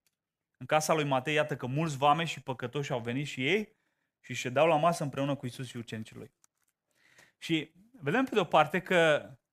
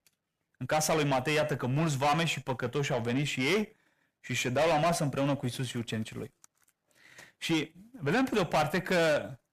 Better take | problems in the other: first | distortion; heavy; 6 dB below the speech

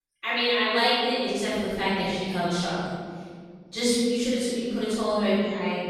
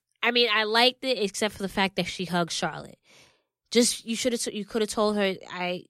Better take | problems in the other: second | off-mic speech; far // room echo; strong; dies away in 2 s

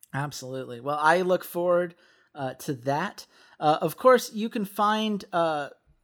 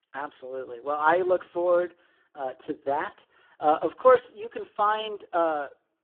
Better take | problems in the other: first | phone-call audio; poor line

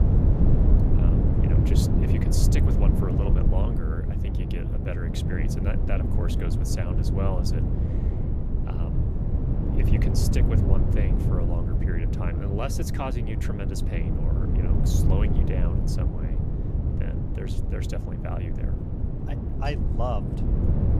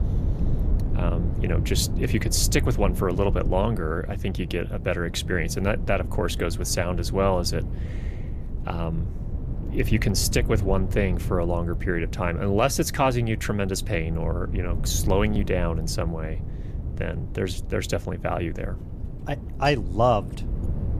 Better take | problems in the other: second | wind noise on the microphone; heavy; 1 dB above the speech; occasional gusts in the second

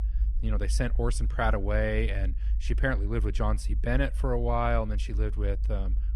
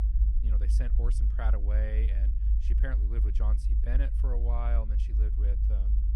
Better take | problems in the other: first | low rumble; loud; throughout; 5 dB below the speech; faint in the first

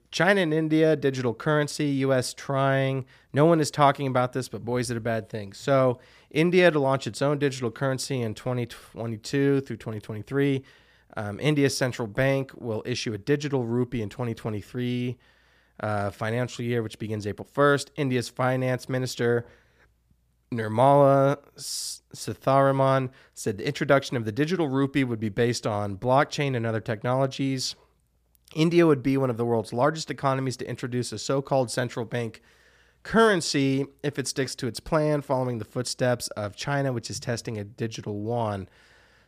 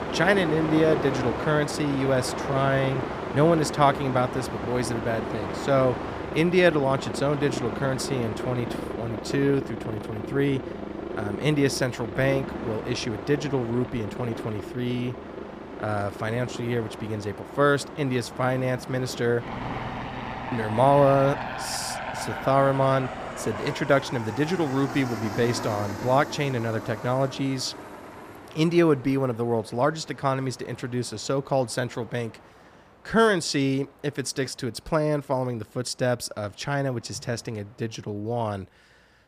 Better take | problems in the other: first | train or aircraft noise; loud; throughout; 8 dB below the speech

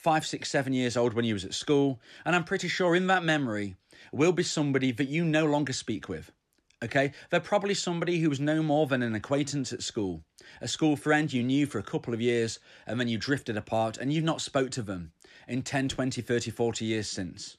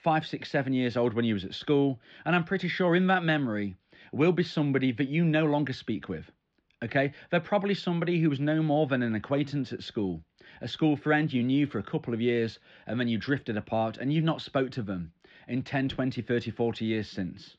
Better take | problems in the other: first | muffled; slightly; fading above 4 kHz

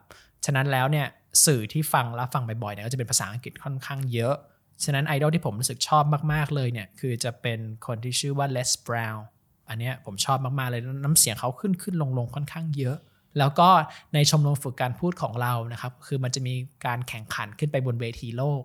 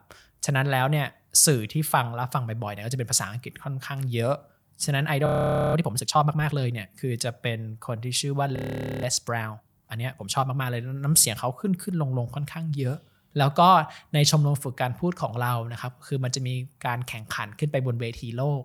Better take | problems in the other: first | audio freezing; at 5.5 s and at 8.5 s

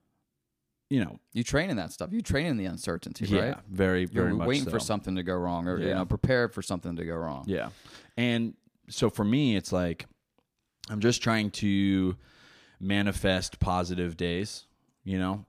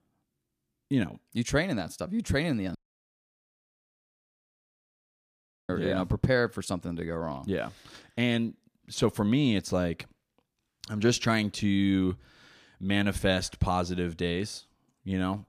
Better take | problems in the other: first | audio cutting out; at 3 s for 3 s

